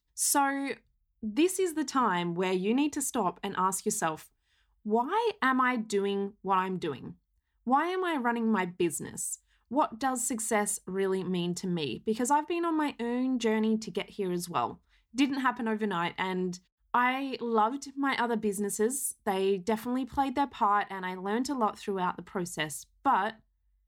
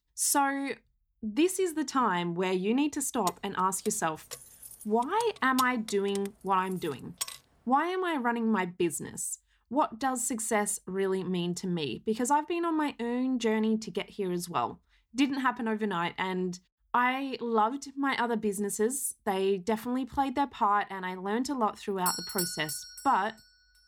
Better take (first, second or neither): first